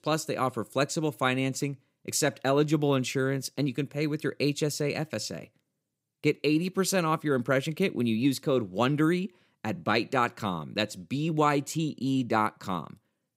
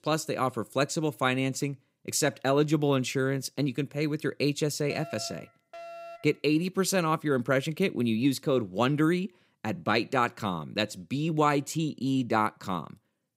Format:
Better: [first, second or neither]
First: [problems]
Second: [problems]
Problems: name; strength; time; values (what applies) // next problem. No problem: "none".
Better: first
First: none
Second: alarm; faint; from 5 to 6.5 s; peak 15 dB below the speech